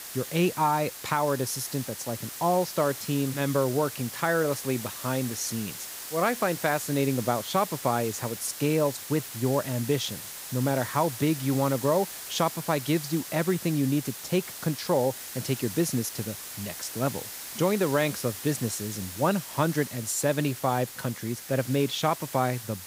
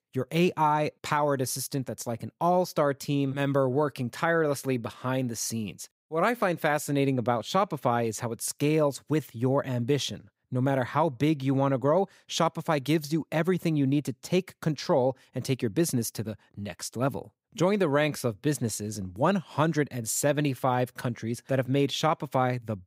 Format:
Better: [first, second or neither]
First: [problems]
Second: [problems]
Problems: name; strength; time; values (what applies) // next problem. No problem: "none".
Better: second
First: hiss; loud; throughout; 9 dB below the speech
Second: none